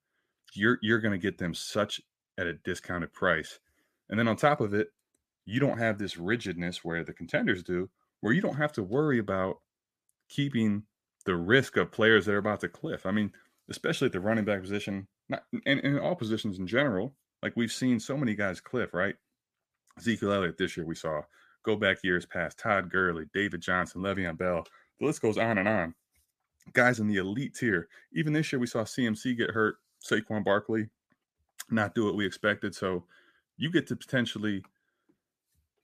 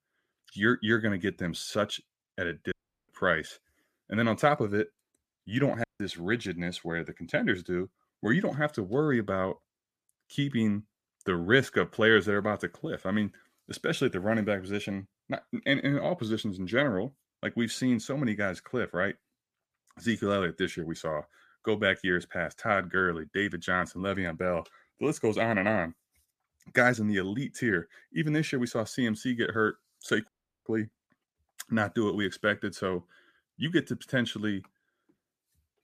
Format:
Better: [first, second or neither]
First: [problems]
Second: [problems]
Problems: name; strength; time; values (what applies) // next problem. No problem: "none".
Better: first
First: none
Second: audio cutting out; at 2.5 s, at 6 s and at 30 s